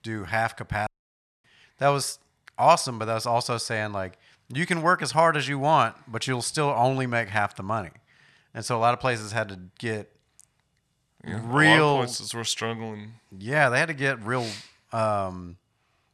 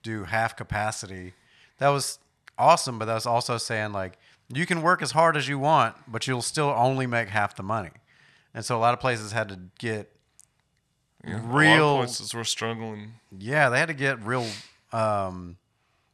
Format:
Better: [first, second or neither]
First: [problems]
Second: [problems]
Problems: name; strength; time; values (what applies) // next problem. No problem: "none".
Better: second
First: audio cutting out; at 1 s for 0.5 s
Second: none